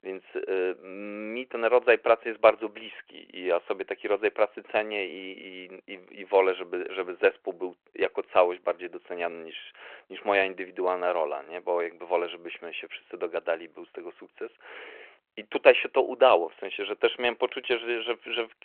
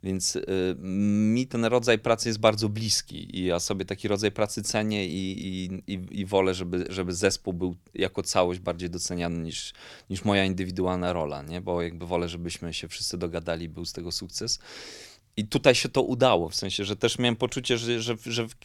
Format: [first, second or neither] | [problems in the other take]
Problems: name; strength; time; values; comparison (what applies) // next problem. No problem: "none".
second | phone-call audio